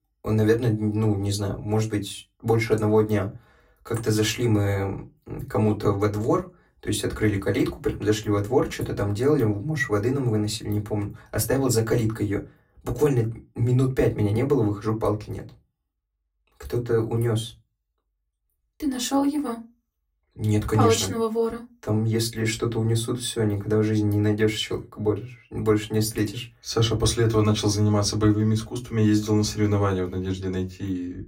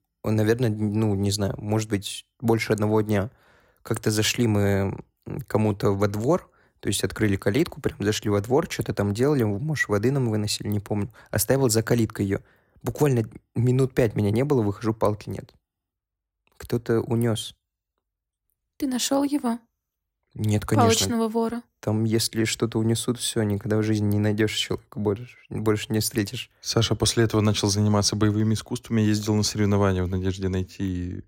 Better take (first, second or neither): second